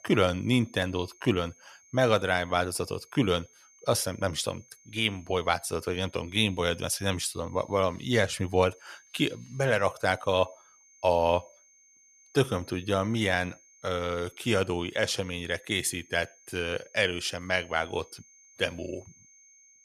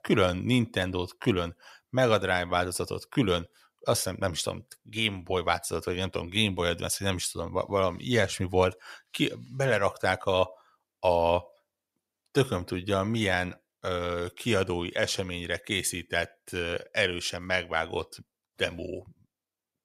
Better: second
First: high-pitched whine; faint; throughout; 6.5 kHz, 25 dB below the speech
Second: none

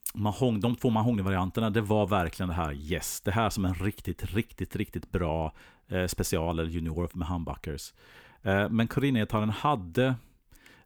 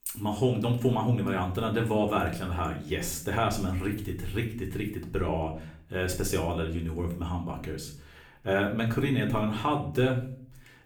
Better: first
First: none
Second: room echo; slight; dies away in 0.5 s // off-mic speech; somewhat distant

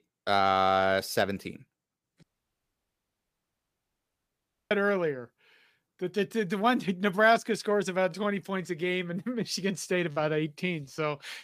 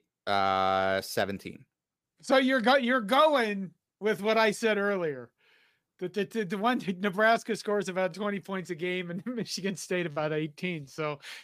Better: second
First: audio cutting out; at 2 s for 2.5 s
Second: none

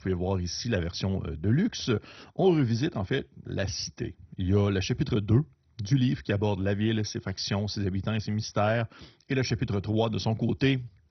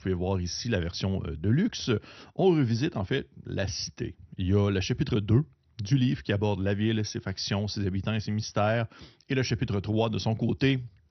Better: second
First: garbled, watery; badly; nothing above 6 kHz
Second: garbled, watery; slightly; nothing above 6 kHz

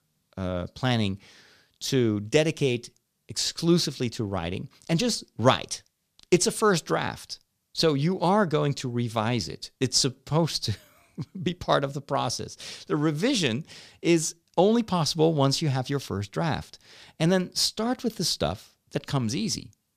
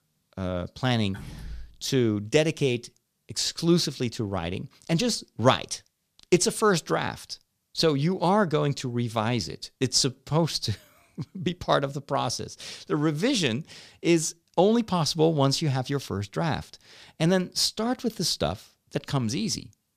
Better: first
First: none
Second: door banging; faint; at 1 s; peak 15 dB below the speech

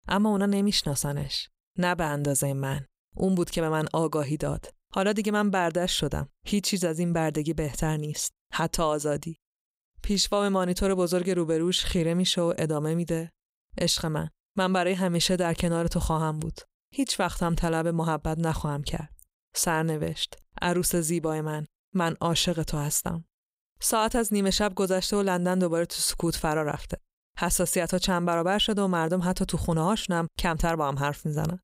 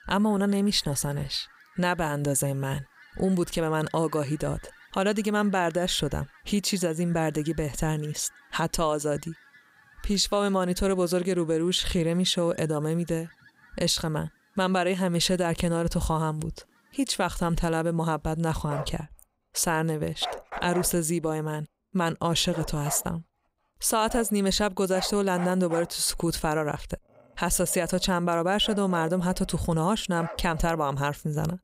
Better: first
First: none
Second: animal sounds; noticeable; throughout; 20 dB below the speech

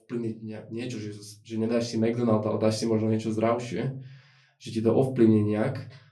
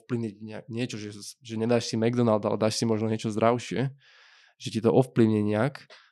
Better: second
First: off-mic speech; far // room echo; very slight; dies away in 0.3 s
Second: none

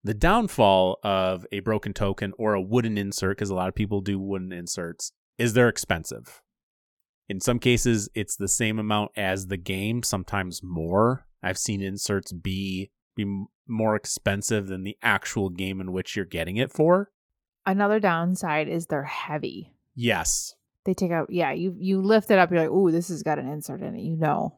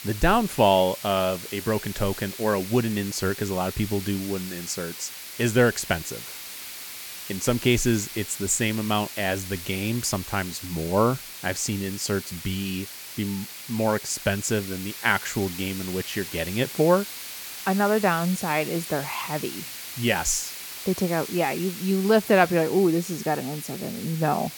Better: first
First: none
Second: hiss; loud; throughout; 10 dB below the speech

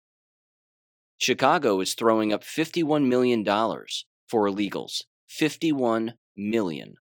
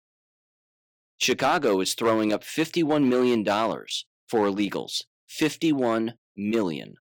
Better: first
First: none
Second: distortion; slight; 3% of the sound clipped

